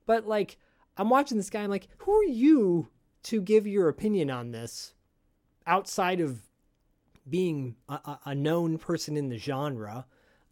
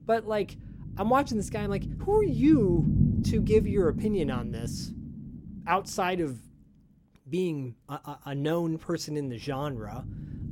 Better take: first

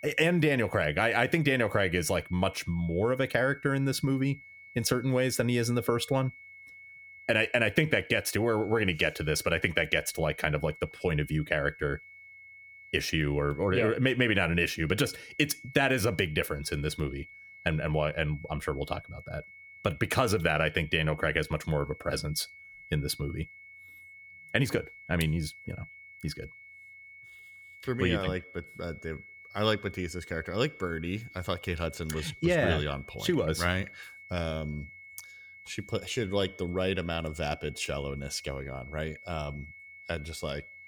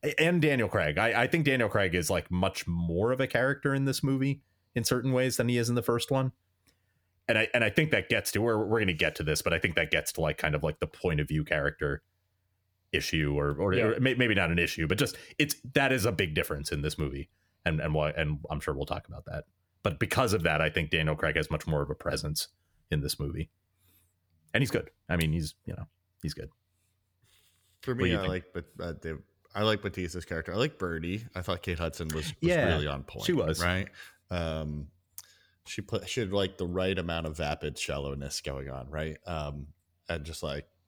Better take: second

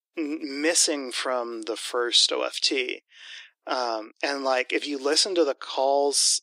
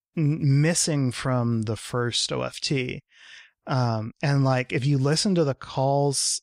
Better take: second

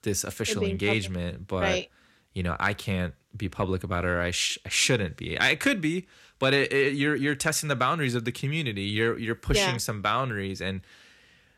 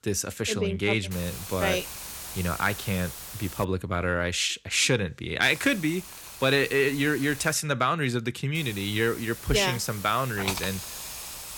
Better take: first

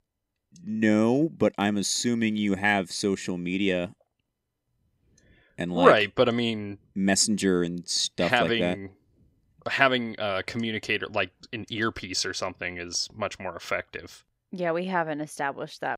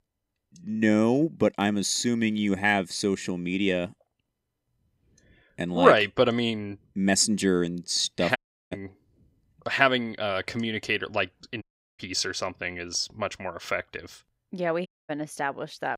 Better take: first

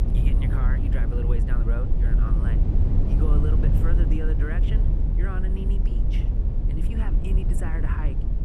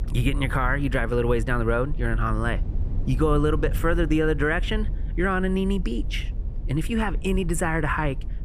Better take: second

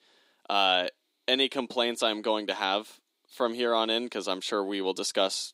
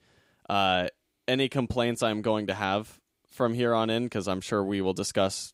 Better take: second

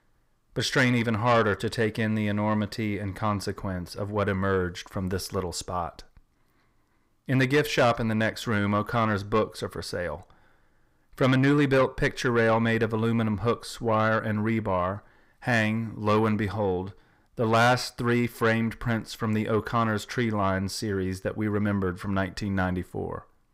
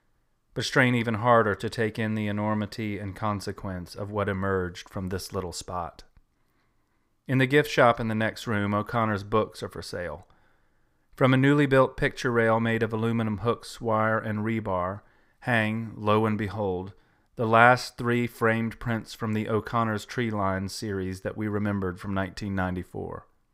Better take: second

